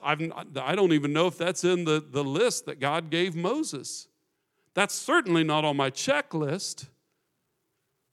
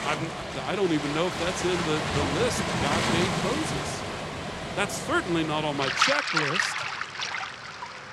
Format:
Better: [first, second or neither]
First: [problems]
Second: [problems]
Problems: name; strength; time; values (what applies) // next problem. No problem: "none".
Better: first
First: none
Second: rain or running water; very loud; throughout; 1 dB above the speech